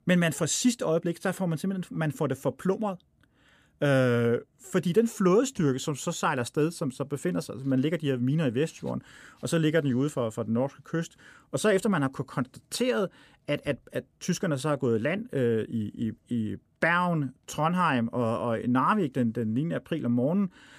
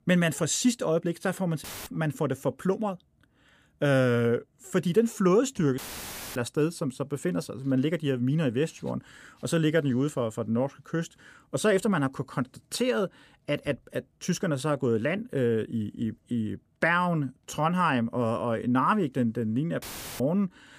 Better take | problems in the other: first | audio cutting out; filled with static; at 1.5 s, at 6 s for 0.5 s and at 20 s

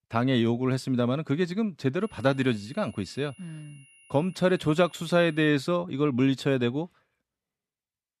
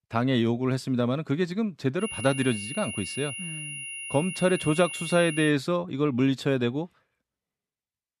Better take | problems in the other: first | high-pitched whine; loud; from 2 to 5.5 s; 3 kHz, 8 dB below the speech; faint in the first

